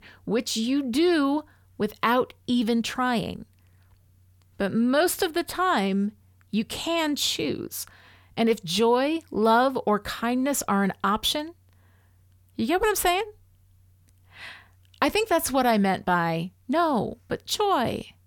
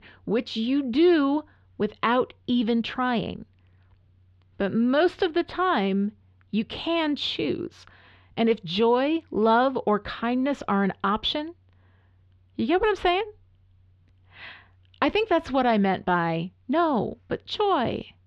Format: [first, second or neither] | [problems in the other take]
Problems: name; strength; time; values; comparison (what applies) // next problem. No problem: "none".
first | muffled; slightly; fading above 3.5 kHz